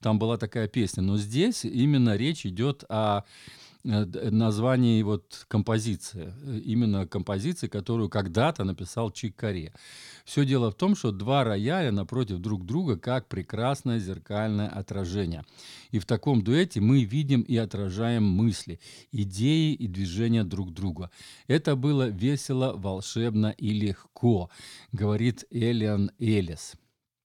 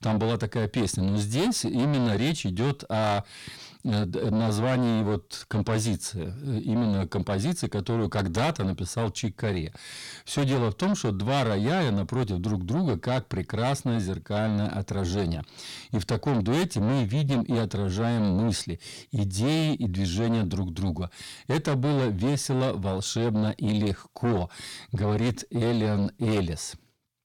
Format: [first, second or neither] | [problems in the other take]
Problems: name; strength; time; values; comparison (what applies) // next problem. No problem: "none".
first | distortion; heavy; 6 dB below the speech